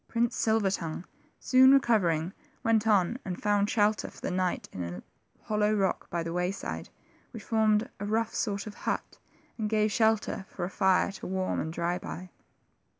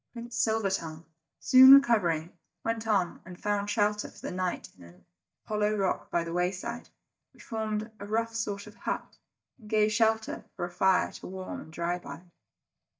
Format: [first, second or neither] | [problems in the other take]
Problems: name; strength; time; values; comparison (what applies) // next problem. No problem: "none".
first | noise reduction (neural mask model DeepFilterNet 3)